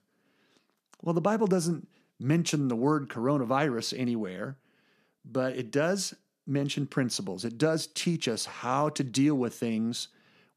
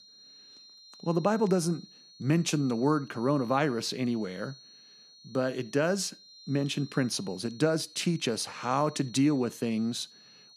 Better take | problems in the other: first | high-pitched whine; faint; throughout; 4.5 kHz, 20 dB below the speech

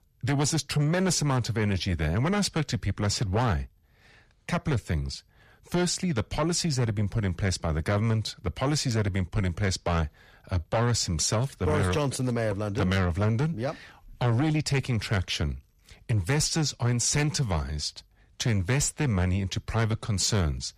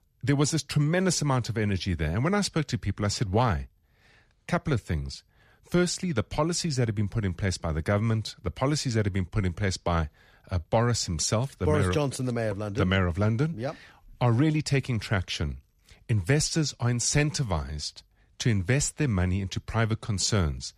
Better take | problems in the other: second | distortion; slight; 10 dB below the speech

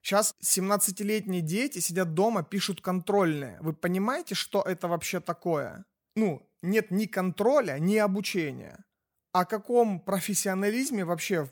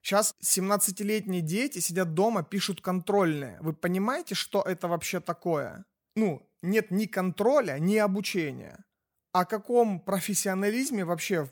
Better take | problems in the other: neither | none

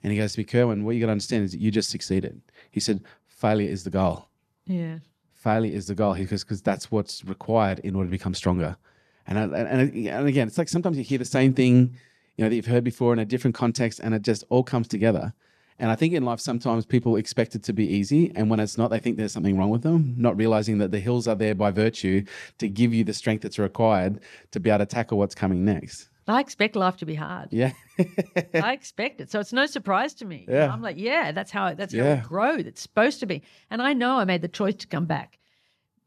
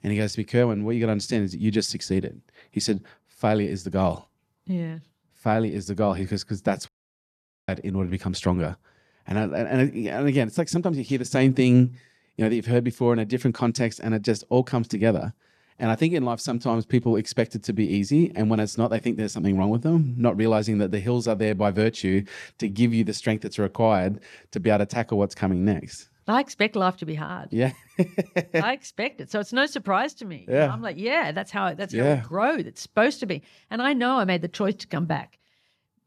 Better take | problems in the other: first | audio cutting out; at 7 s for 1 s

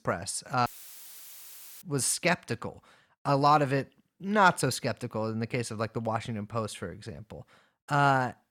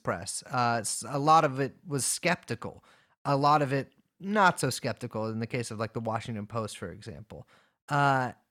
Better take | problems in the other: second | audio cutting out; filled with static; at 0.5 s for 1 s

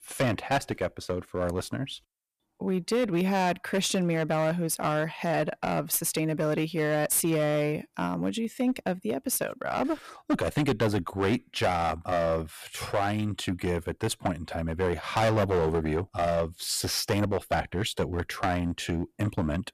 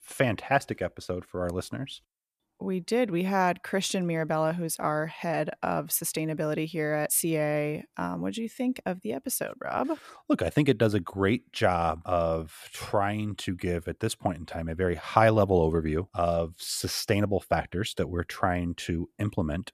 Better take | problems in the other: second | distortion; heavy; 8% of the sound clipped

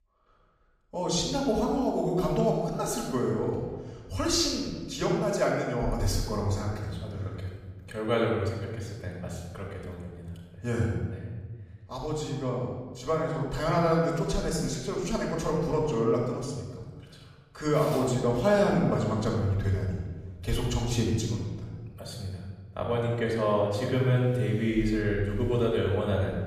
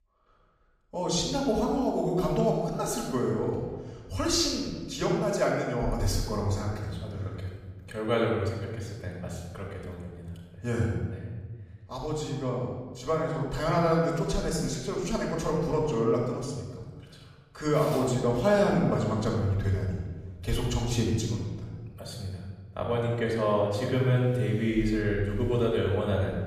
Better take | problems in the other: neither | off-mic speech; far; the same in both // room echo; noticeable; dies away in 1.2 s; the same in both

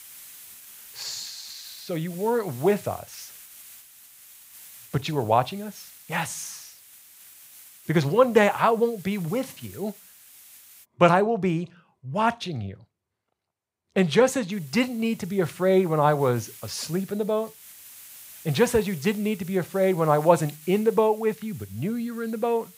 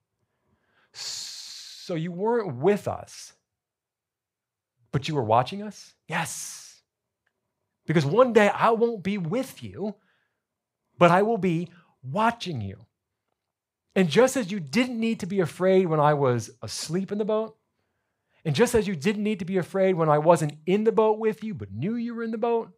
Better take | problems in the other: second | hiss; faint; until 11 s and from 15 s on; 20 dB below the speech

